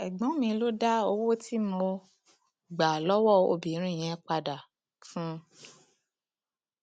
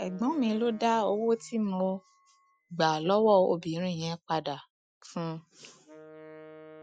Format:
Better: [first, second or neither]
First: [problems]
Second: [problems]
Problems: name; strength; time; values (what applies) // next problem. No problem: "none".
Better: first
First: none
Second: noise reduction (classical method Wiener filter)